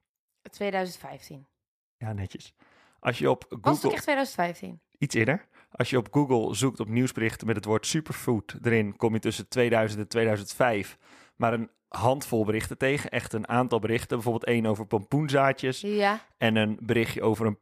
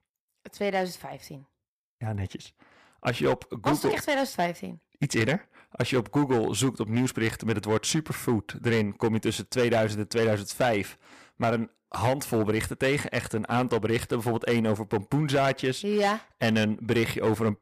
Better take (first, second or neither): first